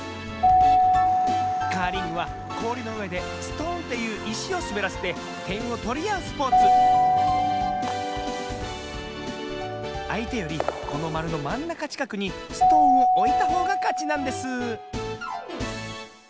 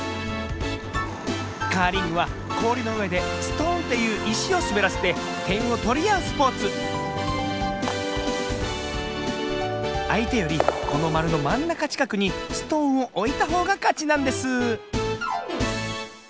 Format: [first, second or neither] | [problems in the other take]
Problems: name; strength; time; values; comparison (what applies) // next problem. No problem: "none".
second | background sound (Keyboard (musical)); 4 dB above the speech